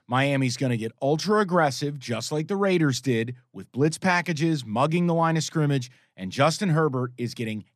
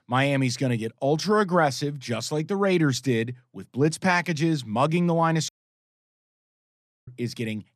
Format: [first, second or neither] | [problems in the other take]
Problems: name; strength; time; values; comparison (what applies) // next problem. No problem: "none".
first | audio cutting out; at 5.5 s for 1.5 s